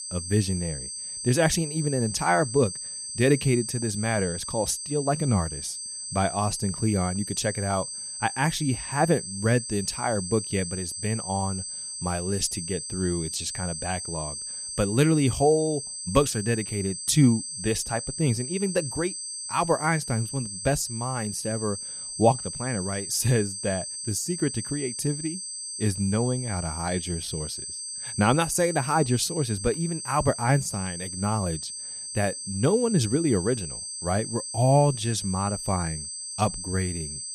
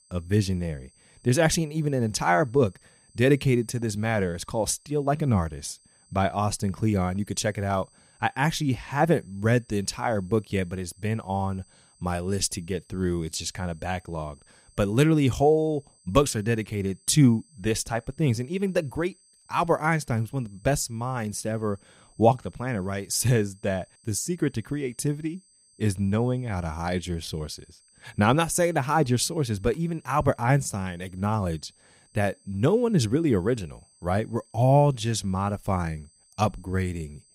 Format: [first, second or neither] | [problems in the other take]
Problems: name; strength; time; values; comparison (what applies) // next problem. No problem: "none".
second | high-pitched whine; loud; throughout; 8 kHz, 6 dB below the speech; faint in the second